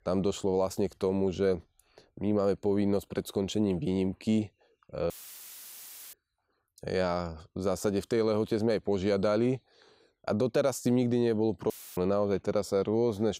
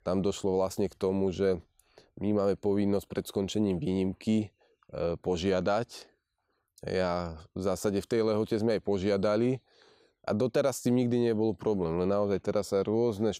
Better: second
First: audio cutting out; filled with static; at 5 s for 1 s and at 12 s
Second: none

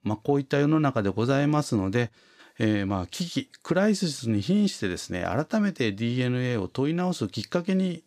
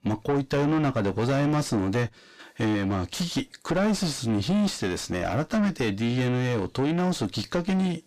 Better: first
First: none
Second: distortion; heavy; 5 dB below the speech

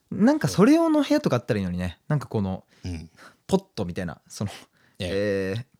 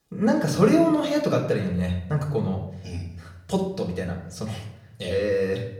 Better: first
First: none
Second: room echo; slight; dies away in 0.7 s // off-mic speech; far

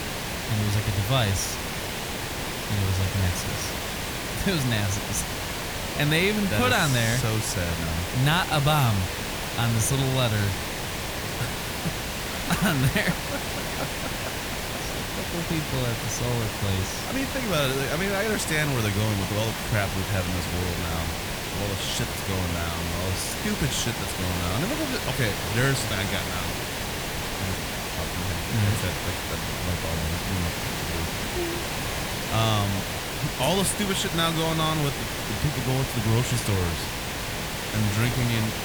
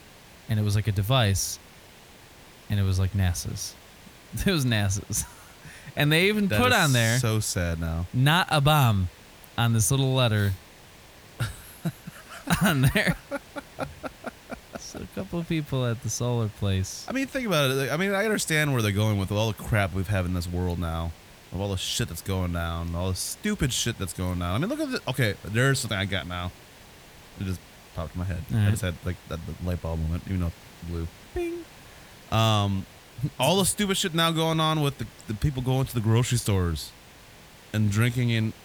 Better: second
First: hiss; loud; throughout; 2 dB below the speech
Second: hiss; faint; throughout; 20 dB below the speech

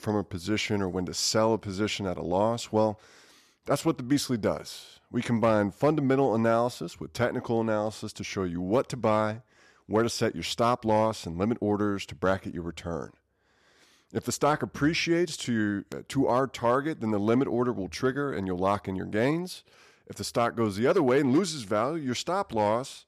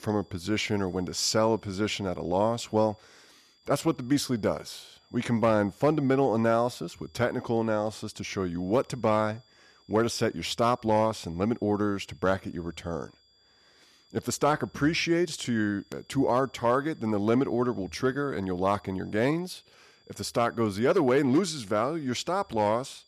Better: first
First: none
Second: high-pitched whine; faint; throughout; 4.5 kHz, 35 dB below the speech

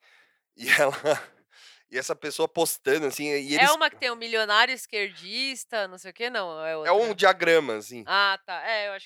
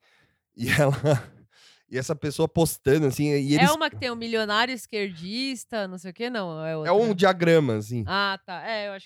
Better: second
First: thin; somewhat; fading below 500 Hz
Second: none

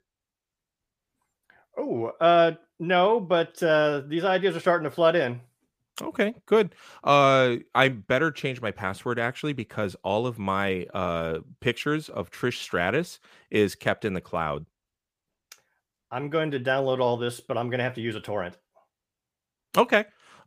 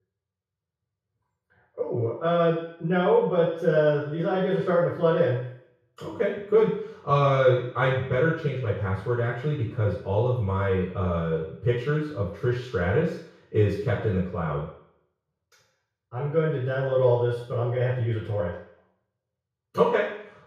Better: first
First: none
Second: room echo; noticeable; dies away in 0.6 s // off-mic speech; far

